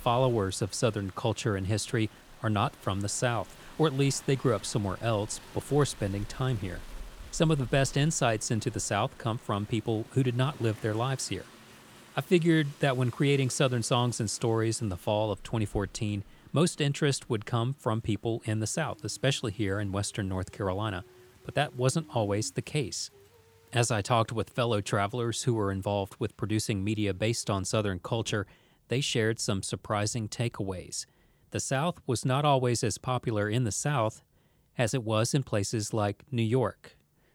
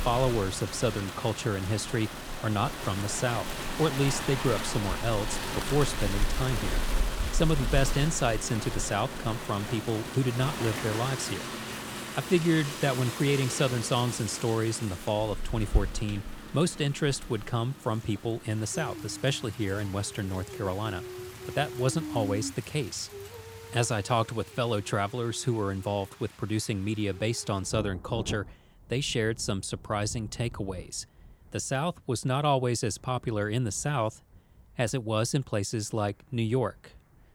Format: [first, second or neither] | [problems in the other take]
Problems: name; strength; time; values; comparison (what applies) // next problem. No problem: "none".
first | rain or running water; loud; throughout; 7 dB below the speech; faint in the first